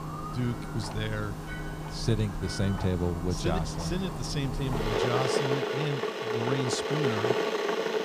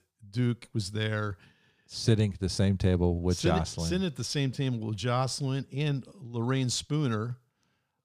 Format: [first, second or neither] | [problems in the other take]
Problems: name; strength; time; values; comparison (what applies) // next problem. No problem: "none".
second | household noises; very loud; throughout; as loud as the speech